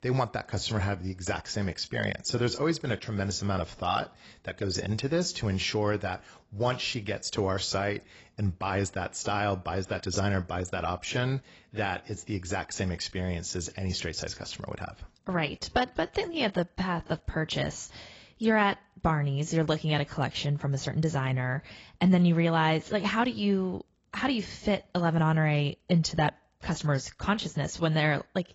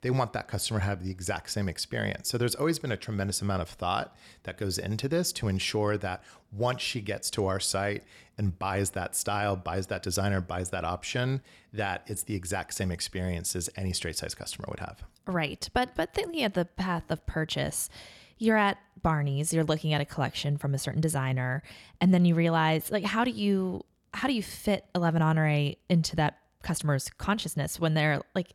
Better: second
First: garbled, watery; badly; nothing above 7.5 kHz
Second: none

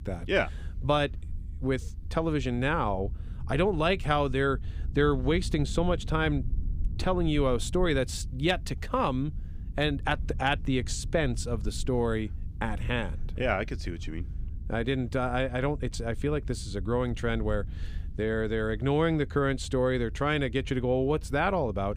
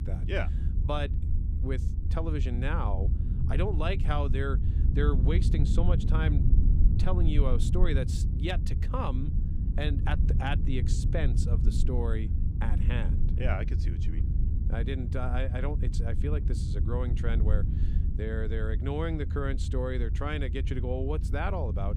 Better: first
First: low rumble; faint; throughout; 25 dB below the speech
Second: low rumble; loud; throughout; 8 dB below the speech

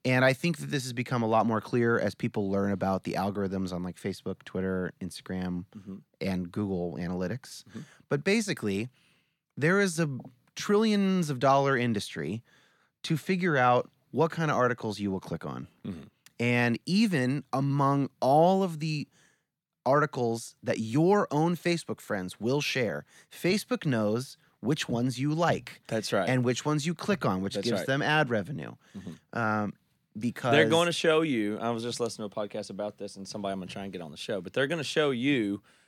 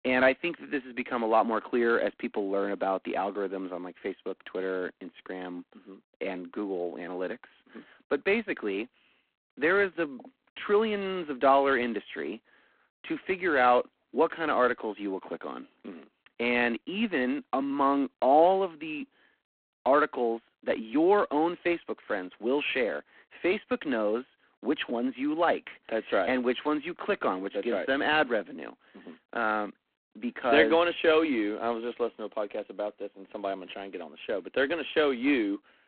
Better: first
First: none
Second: phone-call audio; poor line

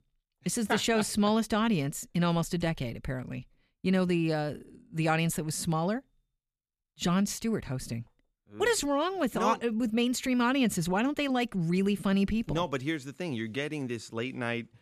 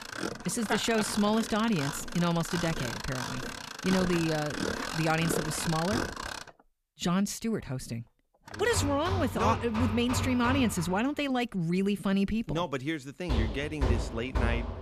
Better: first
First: none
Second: machinery noise; loud; throughout; 5 dB below the speech

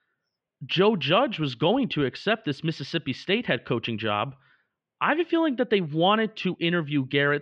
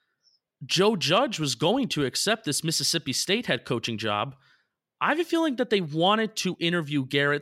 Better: second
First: muffled; very; fading above 3 kHz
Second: none

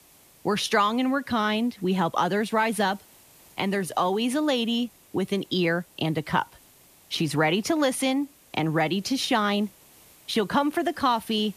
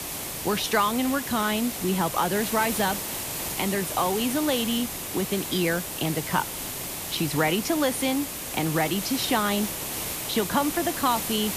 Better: first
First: hiss; faint; throughout; 25 dB below the speech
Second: hiss; loud; throughout; 4 dB below the speech

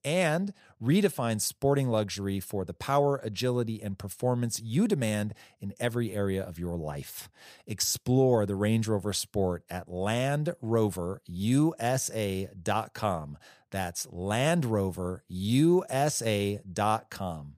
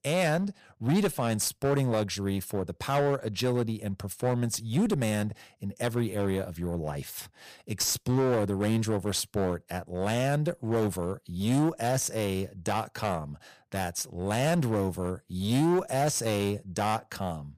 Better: first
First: none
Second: distortion; slight; 11% of the sound clipped

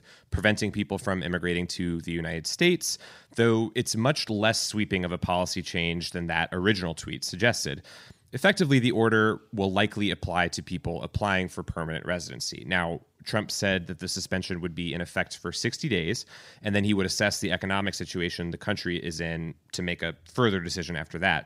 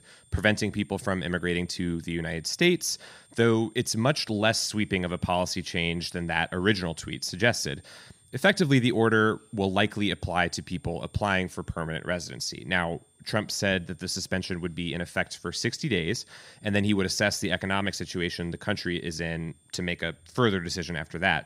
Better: first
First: none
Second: high-pitched whine; faint; throughout; 8.5 kHz, 30 dB below the speech

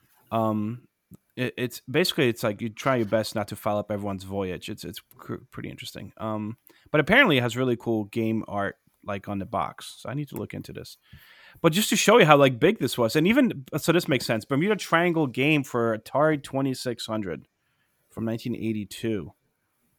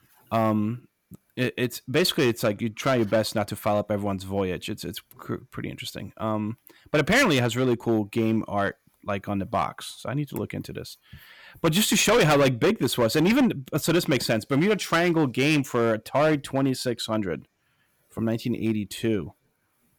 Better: first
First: none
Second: distortion; heavy; 5% of the sound clipped

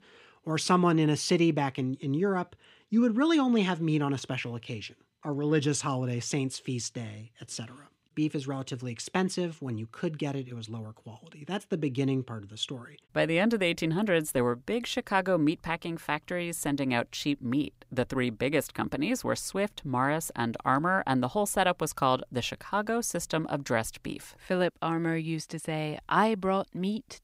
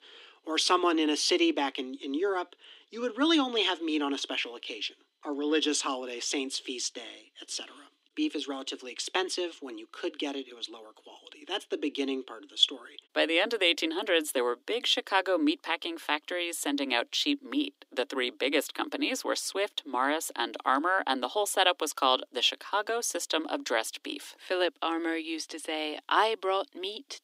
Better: first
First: none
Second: thin; very slightly; fading below 300 Hz

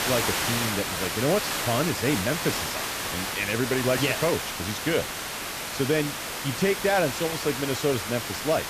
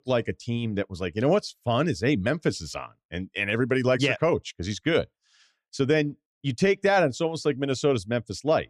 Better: second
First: hiss; loud; throughout; 1 dB below the speech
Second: none

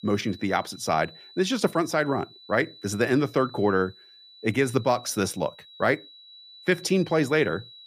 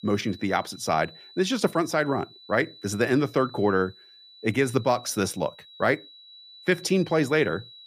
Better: neither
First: high-pitched whine; faint; throughout; 4 kHz, 20 dB below the speech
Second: high-pitched whine; faint; throughout; 4 kHz, 20 dB below the speech

